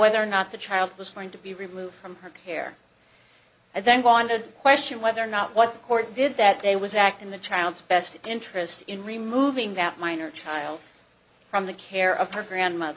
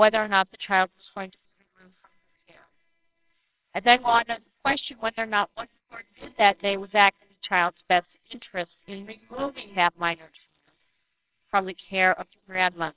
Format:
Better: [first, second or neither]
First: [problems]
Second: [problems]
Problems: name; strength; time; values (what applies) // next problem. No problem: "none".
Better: first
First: none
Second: noise reduction (neural separator model SepFormer WHAMR!)